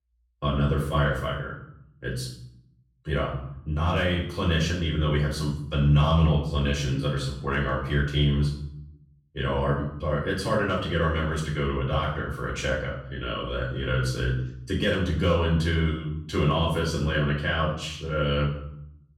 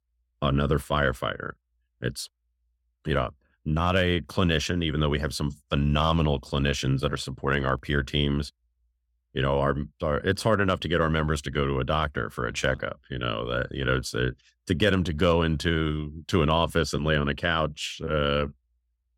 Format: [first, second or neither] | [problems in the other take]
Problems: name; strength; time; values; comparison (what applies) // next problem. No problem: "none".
second | off-mic speech; far // room echo; noticeable; dies away in 0.6 s